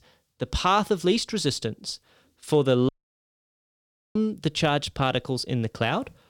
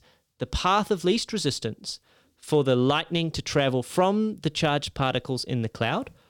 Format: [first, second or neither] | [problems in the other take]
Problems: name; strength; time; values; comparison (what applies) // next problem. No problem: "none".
second | audio cutting out; at 3 s for 1.5 s